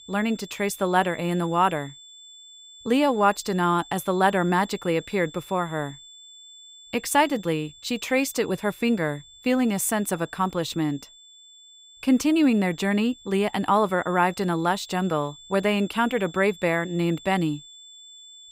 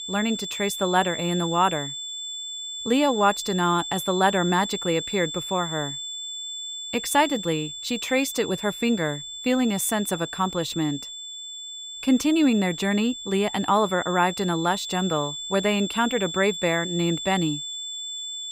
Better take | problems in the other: first | high-pitched whine; loud; throughout; 3.5 kHz, 7 dB below the speech; faint in the first

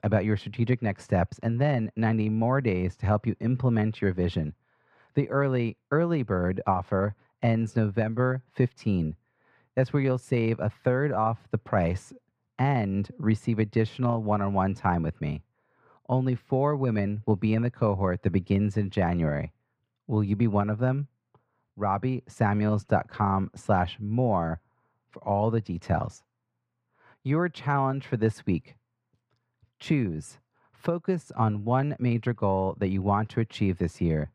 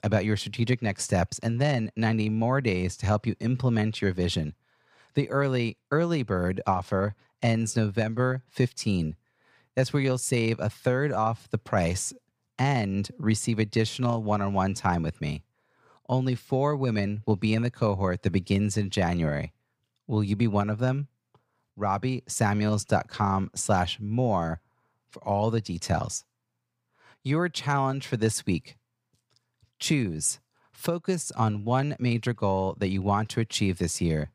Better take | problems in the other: second | muffled; very; fading above 3.5 kHz

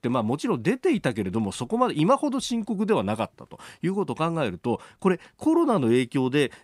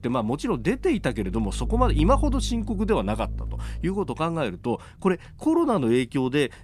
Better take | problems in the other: first | low rumble; faint; throughout; 20 dB below the speech

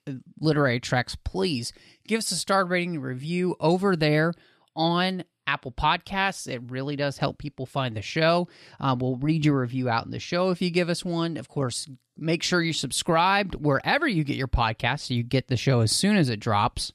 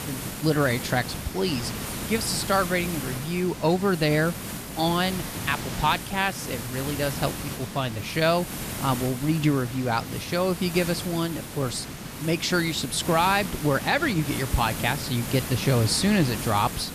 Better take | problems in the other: first | hiss; loud; throughout; 8 dB below the speech

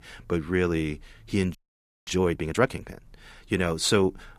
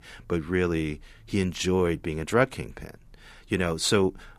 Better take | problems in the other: second | audio freezing; at 1.5 s for 0.5 s

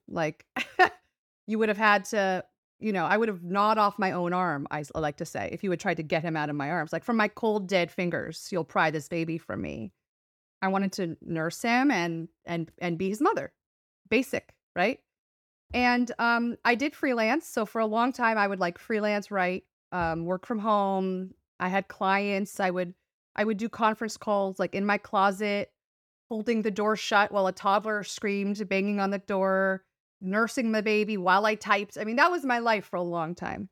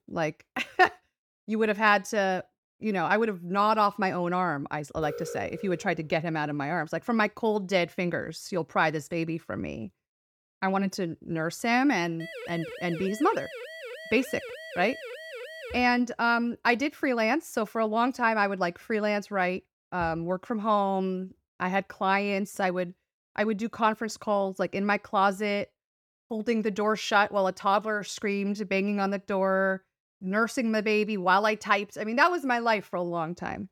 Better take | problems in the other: first | alarm; faint; from 5 to 6 s; peak 10 dB below the speech // siren; faint; from 12 to 16 s; peak 10 dB below the speech

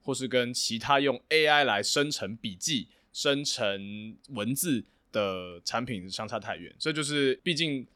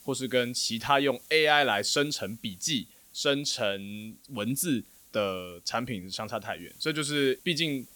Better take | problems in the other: first | hiss; faint; throughout; 25 dB below the speech

